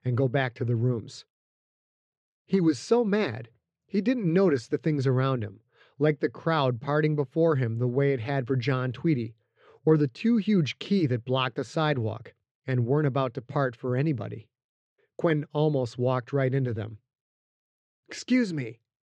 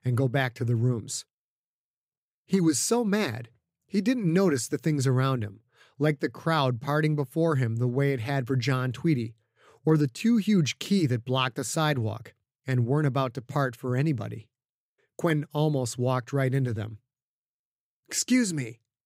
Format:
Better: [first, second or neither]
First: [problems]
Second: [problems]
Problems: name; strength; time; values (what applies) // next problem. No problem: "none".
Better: second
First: muffled; slightly; fading above 4 kHz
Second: none